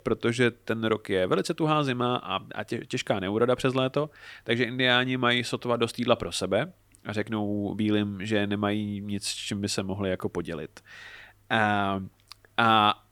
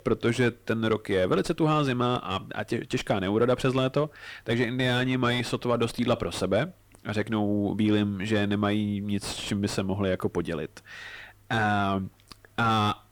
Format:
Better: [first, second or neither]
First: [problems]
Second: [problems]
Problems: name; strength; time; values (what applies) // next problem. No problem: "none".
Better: first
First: none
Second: distortion; heavy; 7 dB below the speech